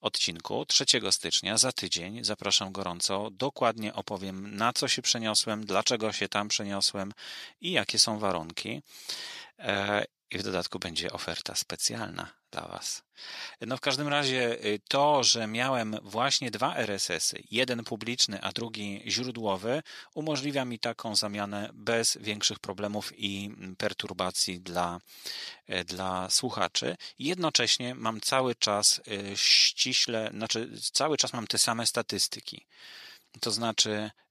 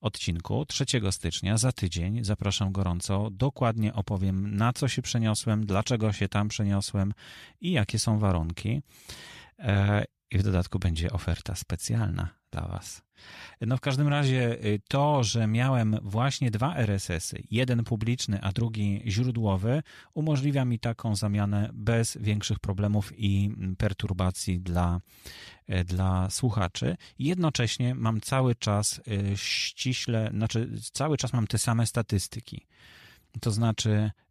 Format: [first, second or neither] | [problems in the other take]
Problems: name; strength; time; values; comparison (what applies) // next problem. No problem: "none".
second | thin; somewhat; fading below 350 Hz